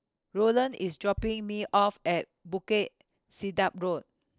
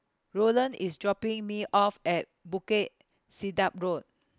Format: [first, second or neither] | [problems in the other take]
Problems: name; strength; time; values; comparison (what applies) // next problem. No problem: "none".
second | noise reduction (neural separator model SepFormer DNS4)